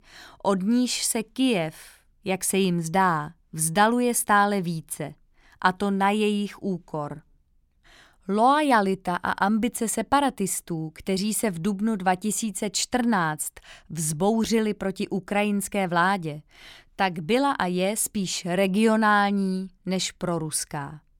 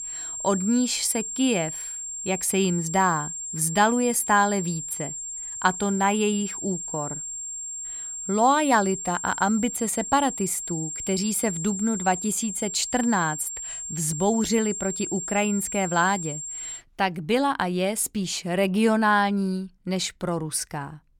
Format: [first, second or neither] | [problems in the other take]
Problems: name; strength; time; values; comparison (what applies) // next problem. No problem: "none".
first | high-pitched whine; loud; until 17 s; 7.5 kHz, 6 dB below the speech